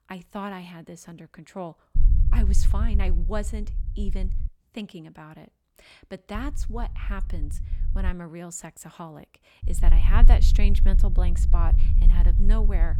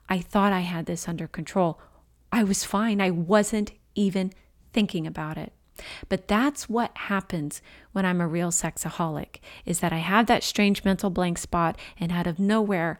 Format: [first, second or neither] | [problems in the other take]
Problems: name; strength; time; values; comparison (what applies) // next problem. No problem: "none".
second | low rumble; loud; from 2 to 4.5 s, from 6.5 to 8 s and from 9.5 s on; 9 dB below the speech